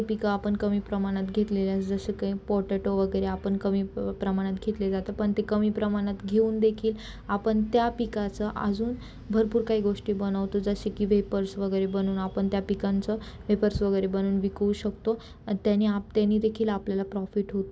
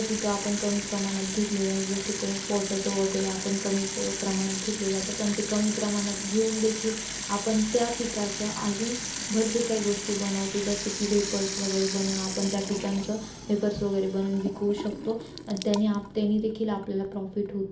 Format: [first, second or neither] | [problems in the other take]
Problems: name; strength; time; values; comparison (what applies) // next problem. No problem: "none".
first | background sound (Sink (filling or washing) / Water tap, faucet); 7 dB below the speech // room echo; dies away in 0.4 s